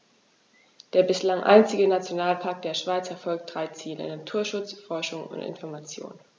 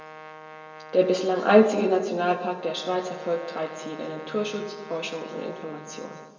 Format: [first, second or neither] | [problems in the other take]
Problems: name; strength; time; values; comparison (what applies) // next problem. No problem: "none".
first | background sound (Brass instrument); 17 dB below the speech // room echo; dies away in 2.6 s